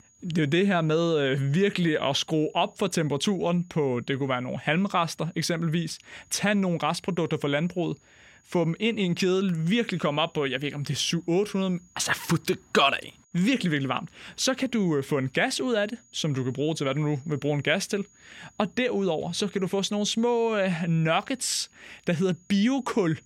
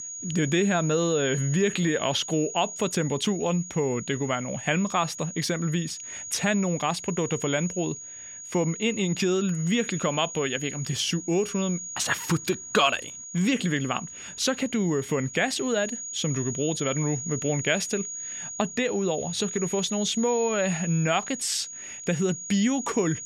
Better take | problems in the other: first | high-pitched whine; loud; throughout; 6.5 kHz, 8 dB below the speech; faint in the first

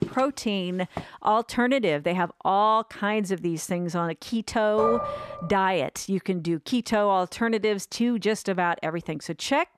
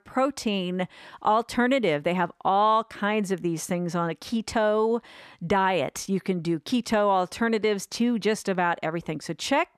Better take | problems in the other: second | footsteps; noticeable; at the start; peak 8 dB below the speech // clattering dishes; noticeable; at 5 s; peak 1 dB below the speech

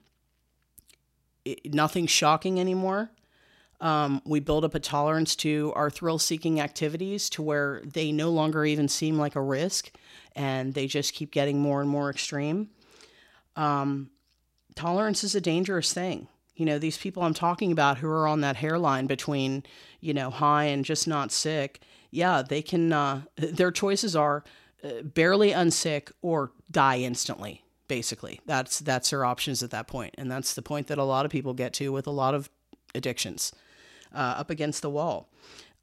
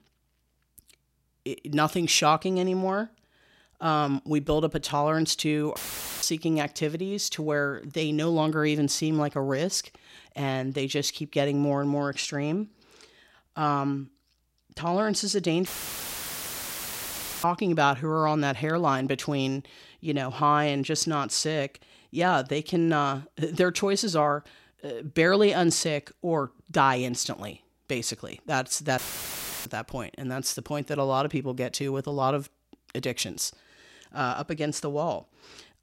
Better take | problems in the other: first | audio cutting out; filled with static; at 6 s, at 16 s for 2 s and at 29 s for 0.5 s

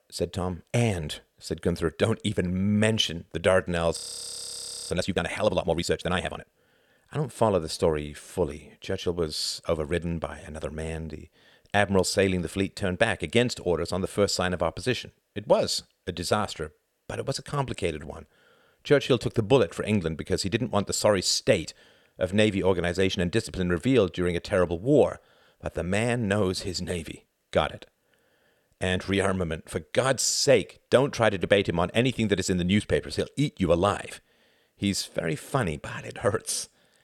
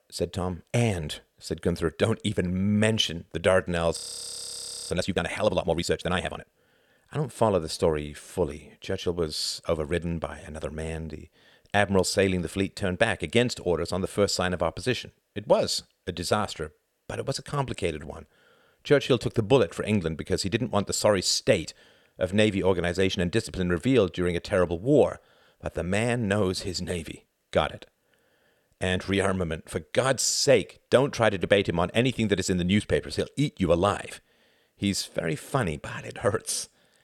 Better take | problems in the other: neither | audio freezing; at 4 s for 1 s; the same in both

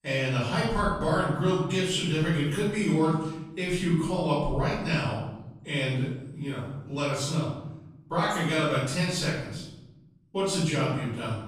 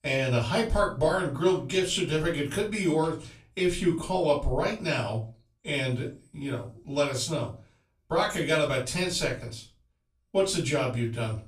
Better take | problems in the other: second | room echo; strong; dies away in 1 s; slight in the second // off-mic speech; far; far in the second

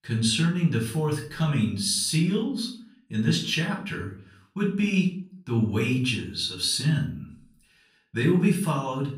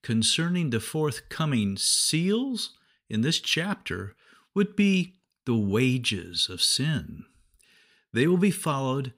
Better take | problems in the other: second | off-mic speech; far // room echo; slight; dies away in 0.4 s

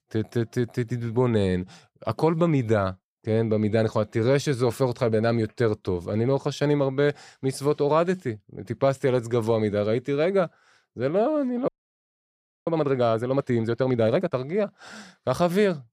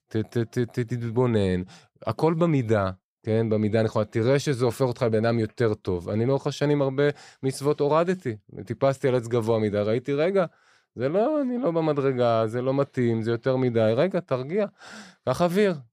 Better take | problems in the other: second | audio freezing; at 12 s for 1 s

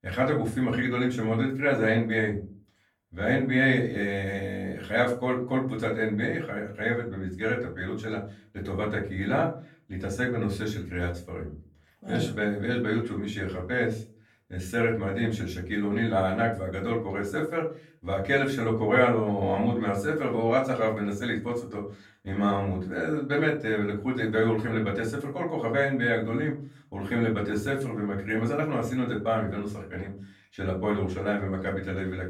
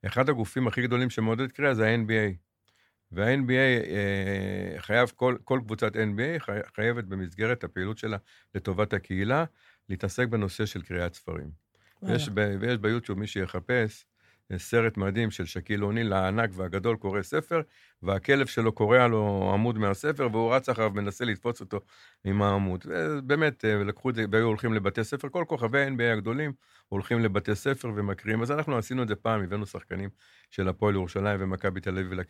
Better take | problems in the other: second | off-mic speech; far // room echo; slight; dies away in 0.4 s

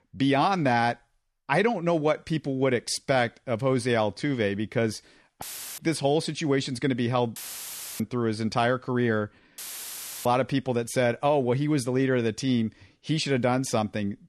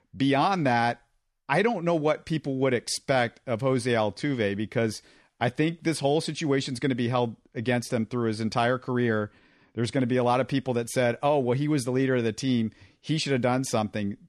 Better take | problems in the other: second | audio cutting out; filled with static; at 5.5 s, at 7.5 s for 0.5 s and at 9.5 s for 0.5 s

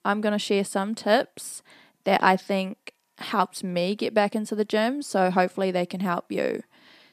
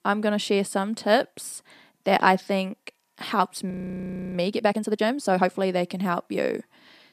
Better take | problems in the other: first | audio freezing; at 3.5 s for 0.5 s

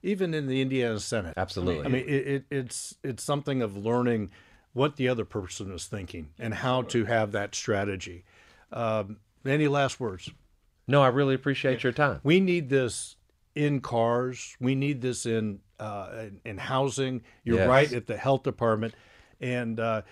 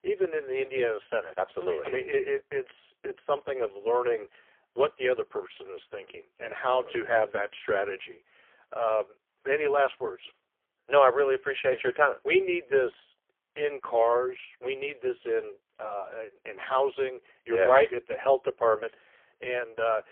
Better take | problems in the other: first | phone-call audio; poor line; nothing above 3.5 kHz

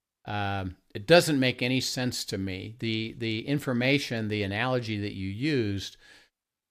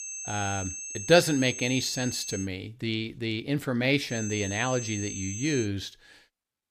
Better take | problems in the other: first | high-pitched whine; loud; until 2.5 s and from 4 to 5.5 s; 6.5 kHz, 8 dB below the speech

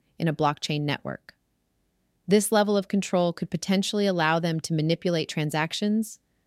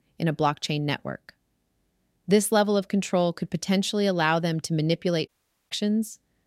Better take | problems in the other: first | audio cutting out; at 5.5 s

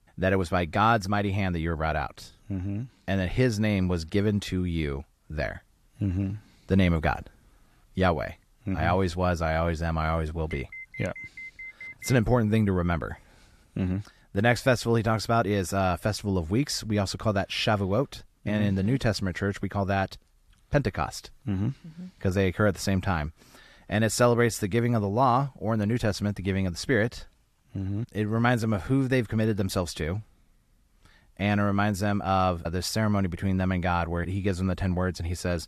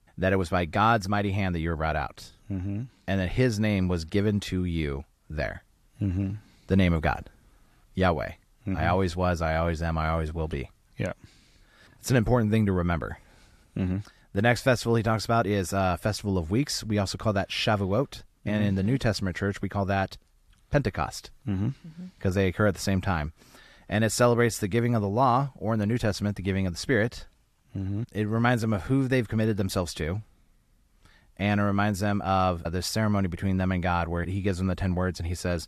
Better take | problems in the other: second | alarm; faint; from 11 to 12 s; peak 15 dB below the speech

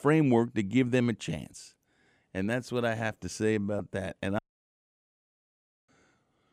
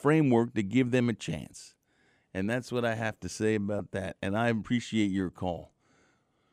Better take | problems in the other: second | audio cutting out; at 4.5 s for 1.5 s

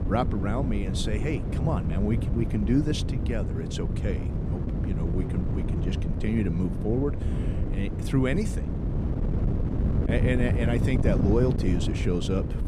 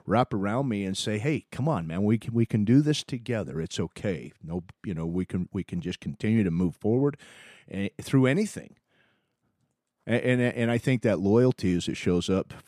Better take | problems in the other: second | wind noise on the microphone; heavy; 5 dB below the speech

